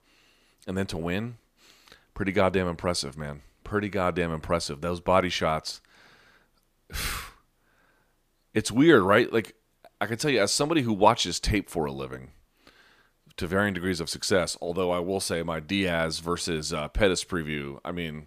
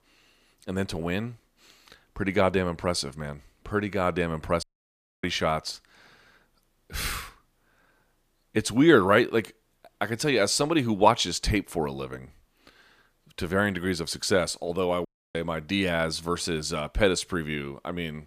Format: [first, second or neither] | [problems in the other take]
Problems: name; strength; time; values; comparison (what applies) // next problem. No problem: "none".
first | audio cutting out; at 4.5 s for 0.5 s and at 15 s